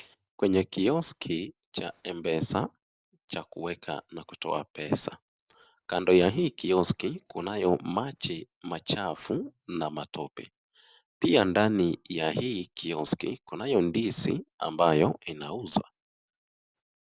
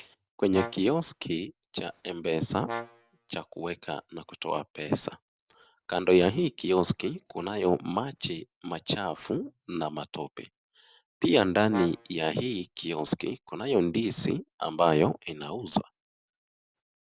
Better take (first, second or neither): first